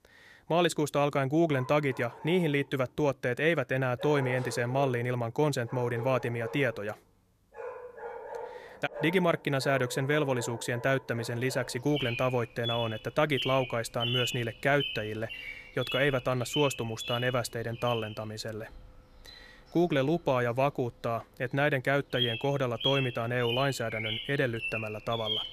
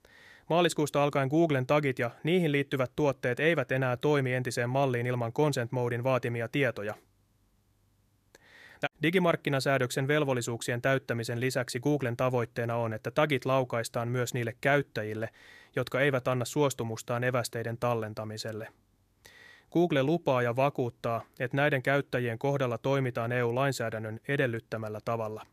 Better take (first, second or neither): second